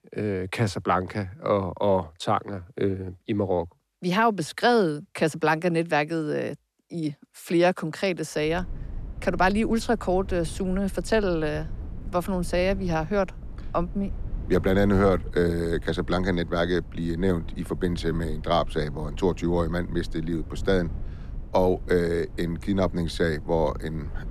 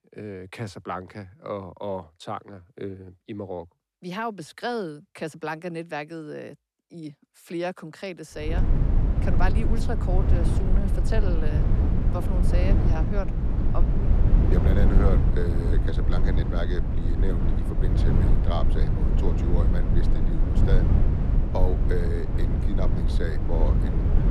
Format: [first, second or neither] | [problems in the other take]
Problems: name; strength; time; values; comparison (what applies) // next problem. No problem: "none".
first | low rumble; loud; from 8.5 s on; 2 dB below the speech; faint in the first